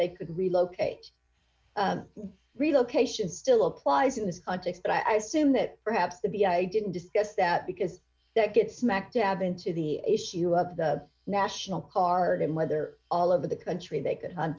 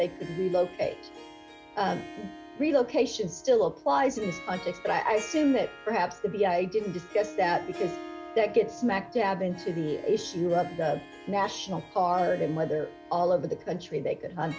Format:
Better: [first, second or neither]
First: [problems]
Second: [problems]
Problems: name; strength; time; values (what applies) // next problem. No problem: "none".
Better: first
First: none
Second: background sound (Harp); 15 dB below the speech